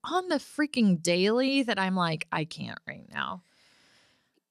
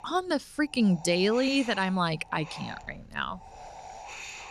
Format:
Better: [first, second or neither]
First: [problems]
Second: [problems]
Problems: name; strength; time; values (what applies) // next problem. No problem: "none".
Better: first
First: none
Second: wind noise on the microphone; occasional gusts; 15 dB below the speech